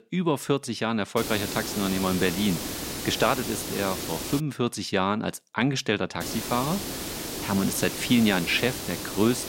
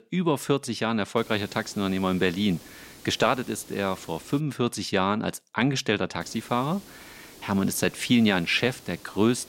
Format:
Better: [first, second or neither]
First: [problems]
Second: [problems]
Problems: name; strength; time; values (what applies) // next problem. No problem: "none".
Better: second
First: hiss; loud; from 1 to 4.5 s and from 6 s on; 5 dB below the speech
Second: hiss; faint; from 1 to 4.5 s and from 6 s on; 20 dB below the speech